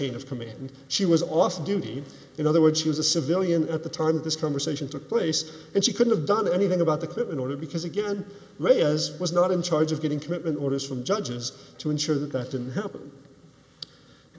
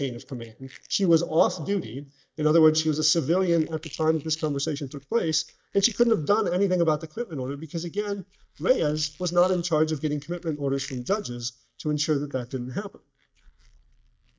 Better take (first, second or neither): first